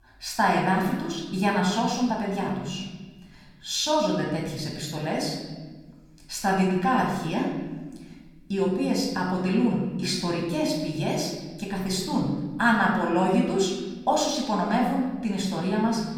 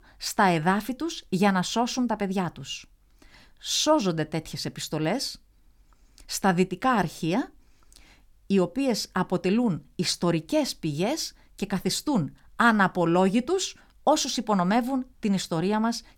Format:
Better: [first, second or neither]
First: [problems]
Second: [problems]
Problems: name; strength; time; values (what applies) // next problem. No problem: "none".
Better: second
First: room echo; noticeable; dies away in 1.2 s // off-mic speech; far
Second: none